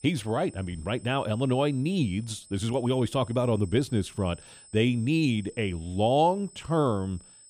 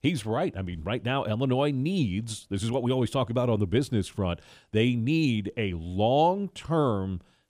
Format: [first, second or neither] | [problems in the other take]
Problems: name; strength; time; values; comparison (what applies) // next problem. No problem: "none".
second | high-pitched whine; faint; throughout; 8 kHz, 25 dB below the speech